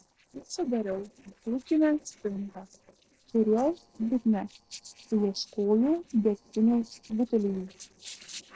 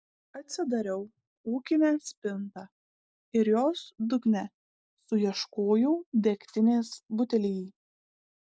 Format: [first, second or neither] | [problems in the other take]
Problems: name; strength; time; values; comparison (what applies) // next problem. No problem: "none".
second | noise reduction (neural separator model SepFormer DNS4)